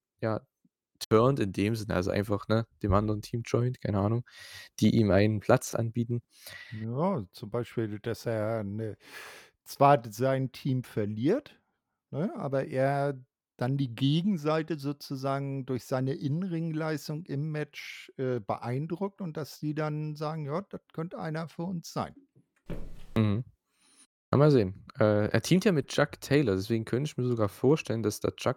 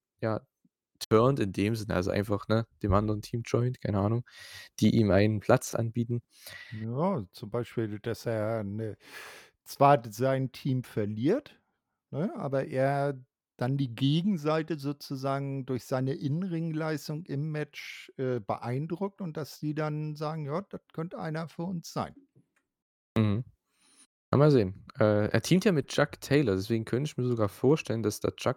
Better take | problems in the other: second | footsteps; faint; at 23 s; peak 15 dB below the speech

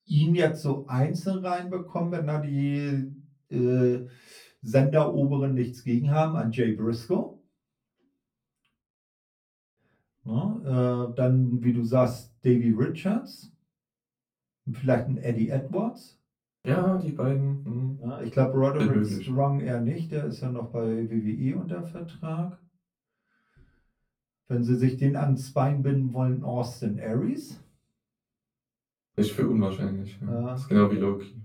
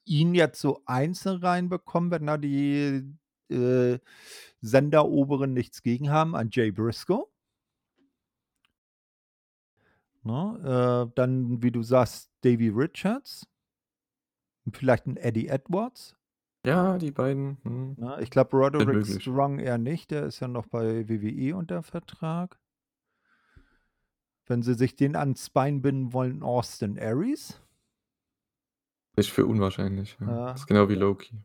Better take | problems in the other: second | off-mic speech; far // room echo; very slight; dies away in 0.3 s

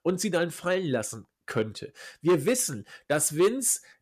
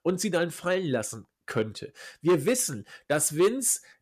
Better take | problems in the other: neither | distortion; slight; 3% of the sound clipped; the same in both

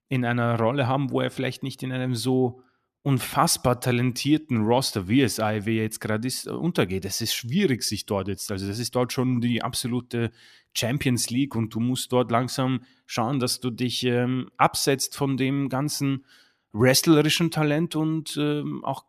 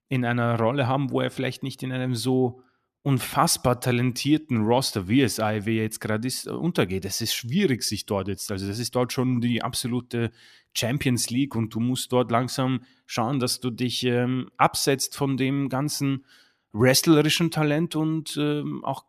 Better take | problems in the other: neither | none

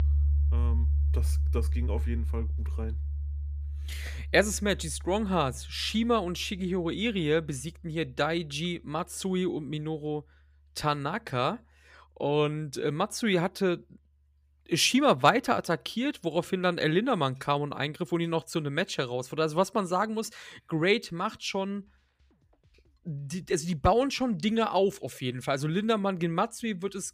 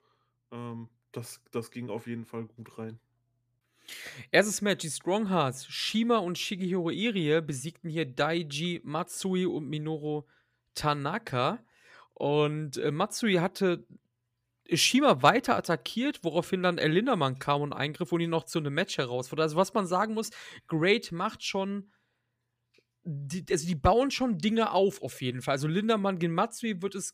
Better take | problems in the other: second | background music; loud; throughout; 3 dB below the speech

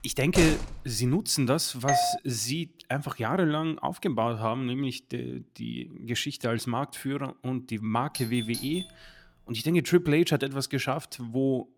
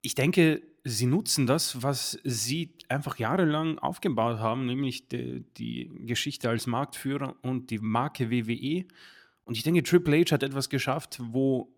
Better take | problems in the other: second | door banging; noticeable; at the start; peak 1 dB below the speech // doorbell; loud; at 2 s; peak 2 dB above the speech // doorbell; noticeable; at 8 s; peak 8 dB below the speech

